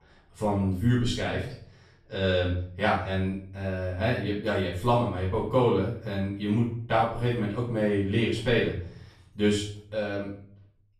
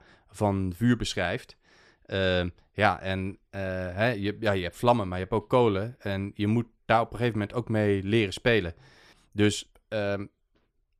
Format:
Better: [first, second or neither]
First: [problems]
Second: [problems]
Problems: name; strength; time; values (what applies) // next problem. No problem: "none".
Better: second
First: off-mic speech; far // room echo; noticeable; dies away in 0.5 s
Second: none